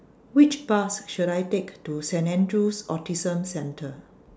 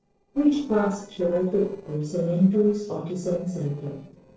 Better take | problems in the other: first | noise reduction (neural separator model SepFormer DNS4)

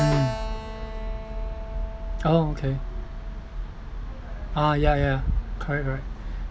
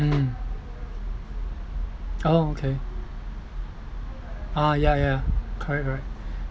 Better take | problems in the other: second | background sound (Keyboard (musical)); 13 dB below the speech

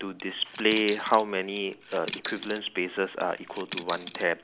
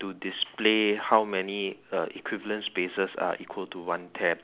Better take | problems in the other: second | background sound (Coin (dropping)); 13 dB below the speech

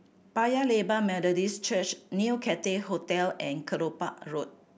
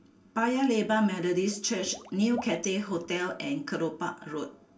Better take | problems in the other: first | background sound (Water / Liquid); 19 dB below the speech // room echo; dies away in 0.2 s

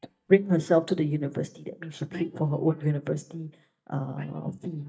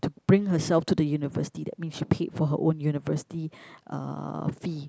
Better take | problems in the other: second | noise reduction (neural mask model DeepFilterNet 3)

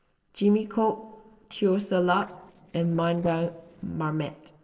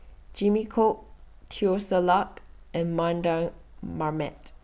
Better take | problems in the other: second | noise reduction (neural separator model SepFormer DNS4)

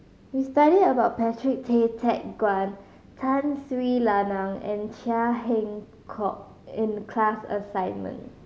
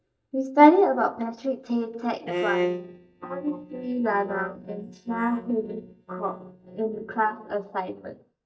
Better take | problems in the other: first | noise reduction (neural mask model DeepFilterNet 3)

